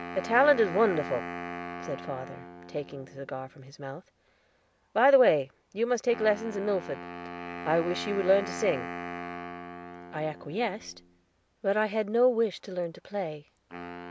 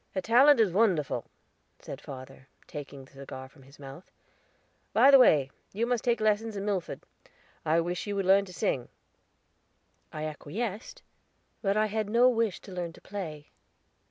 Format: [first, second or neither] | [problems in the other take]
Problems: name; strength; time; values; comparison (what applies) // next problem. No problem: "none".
second | background sound (Wind instrument, woodwind instrument); 12 dB below the speech